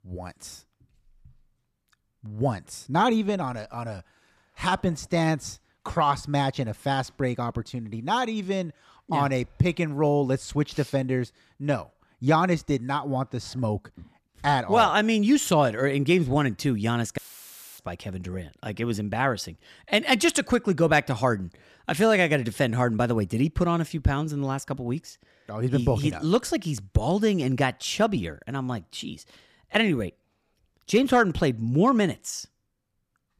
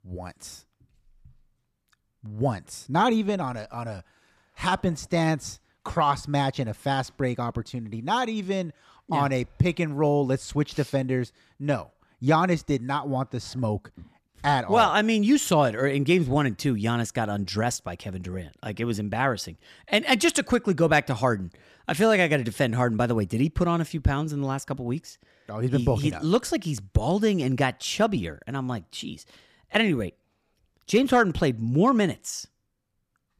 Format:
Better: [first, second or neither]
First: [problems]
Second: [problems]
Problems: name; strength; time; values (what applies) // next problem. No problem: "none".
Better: second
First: audio cutting out; filled with static; at 17 s for 0.5 s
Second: none